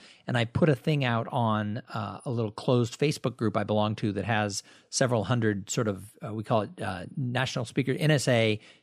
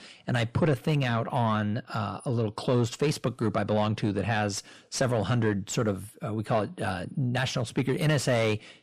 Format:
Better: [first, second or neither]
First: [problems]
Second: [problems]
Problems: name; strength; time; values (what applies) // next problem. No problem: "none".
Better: first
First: none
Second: distortion; slight; 10 dB below the speech